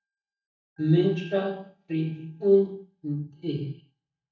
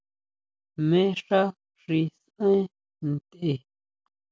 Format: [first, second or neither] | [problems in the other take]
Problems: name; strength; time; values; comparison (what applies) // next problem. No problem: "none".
second | noise reduction (neural mask model DeepFilterNet 3)